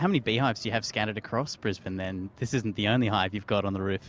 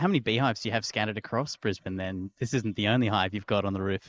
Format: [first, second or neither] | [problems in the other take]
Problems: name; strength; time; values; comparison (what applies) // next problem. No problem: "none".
first | noise reduction (neural mask model Resemble Enhance denoiser)